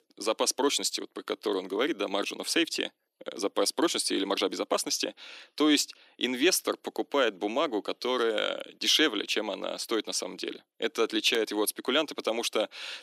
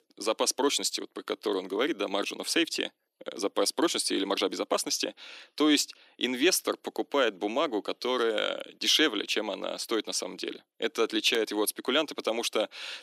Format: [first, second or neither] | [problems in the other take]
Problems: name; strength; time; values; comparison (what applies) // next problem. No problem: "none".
neither | thin; somewhat; fading below 300 Hz; the same in both